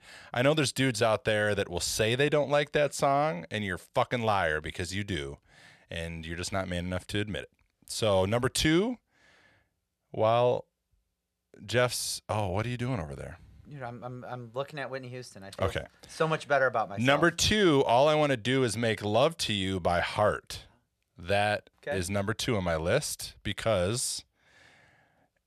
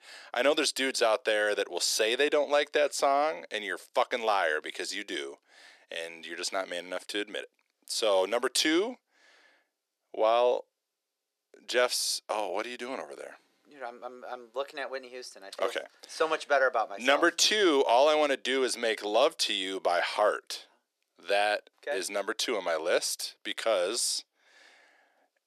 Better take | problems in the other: first | thin; somewhat; fading below 300 Hz

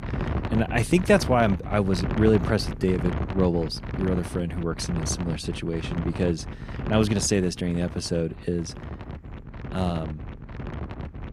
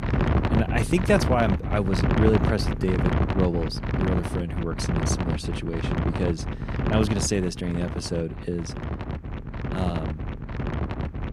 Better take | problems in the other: first | wind noise on the microphone; heavy; 3 dB below the speech; occasional gusts in the first

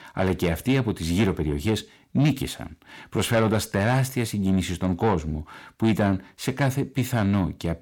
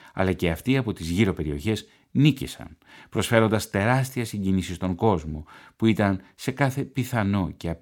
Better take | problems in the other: second | distortion; slight; 10 dB below the speech

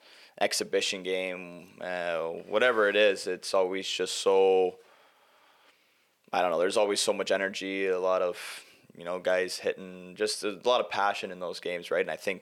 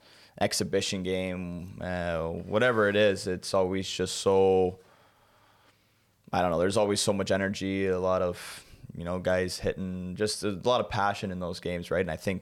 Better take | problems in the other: second | thin; somewhat; fading below 400 Hz

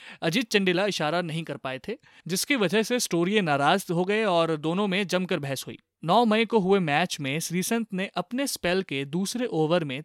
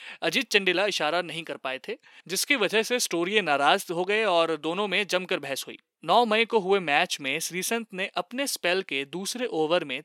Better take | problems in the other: first | thin; somewhat; fading below 350 Hz

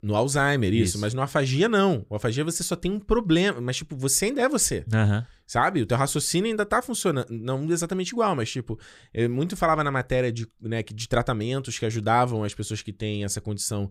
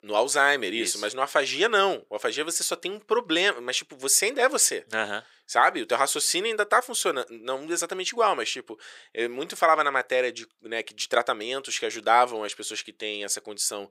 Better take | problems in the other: first | thin; very; fading below 450 Hz

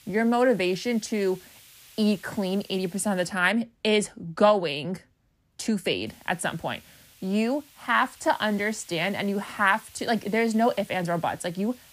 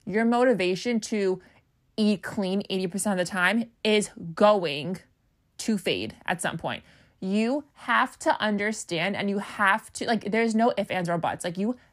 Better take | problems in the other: second | hiss; faint; until 3.5 s and from 6 s on; 25 dB below the speech

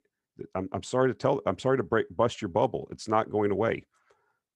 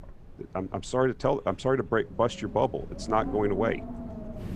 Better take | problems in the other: first | wind in the background; noticeable; throughout; 15 dB below the speech

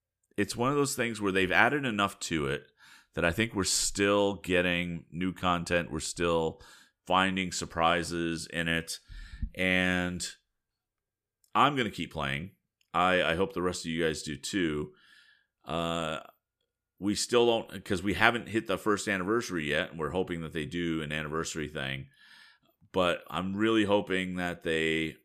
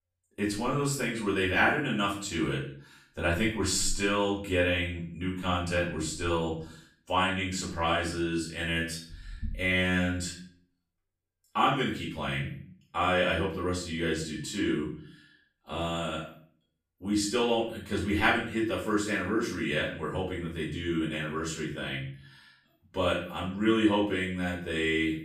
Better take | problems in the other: first | room echo; noticeable; dies away in 0.5 s // off-mic speech; far

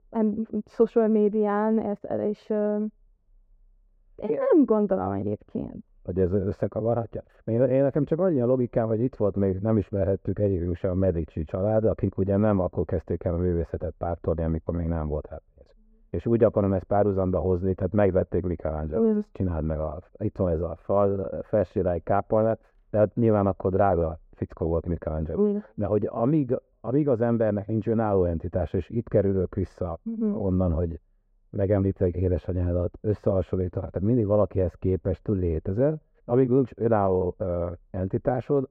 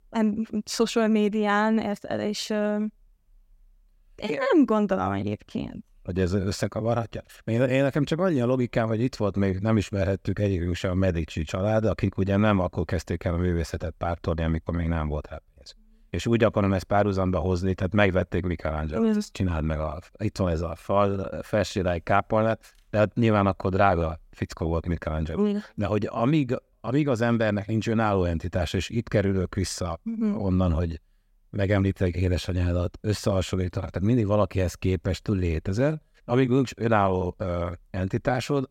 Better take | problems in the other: second | muffled; very; fading above 2.5 kHz

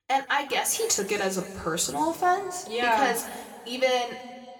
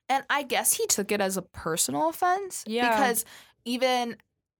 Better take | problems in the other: second | room echo; slight; dies away in 1.9 s

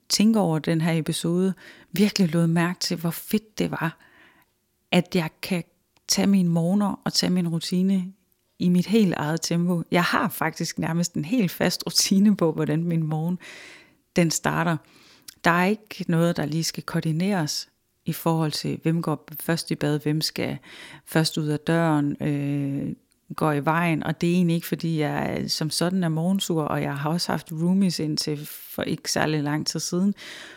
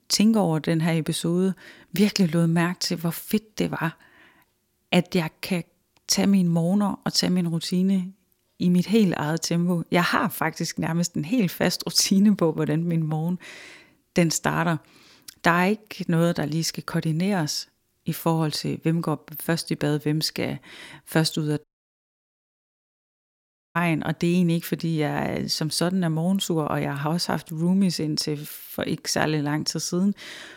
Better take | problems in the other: first | audio cutting out; at 22 s for 2 s

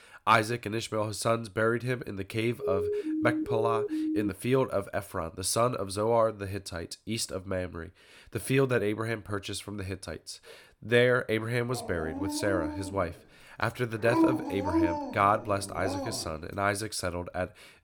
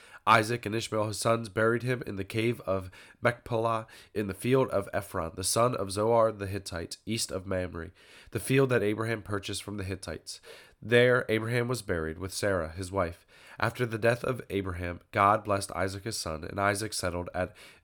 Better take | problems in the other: second | siren; noticeable; from 2.5 to 4.5 s; peak level with the speech // dog barking; loud; from 12 to 16 s; peak 4 dB above the speech

